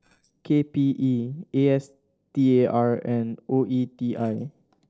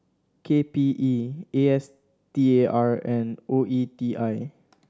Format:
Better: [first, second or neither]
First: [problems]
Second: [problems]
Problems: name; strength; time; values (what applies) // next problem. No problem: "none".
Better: second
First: noise reduction (neural separator model SepFormer DNS4)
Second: none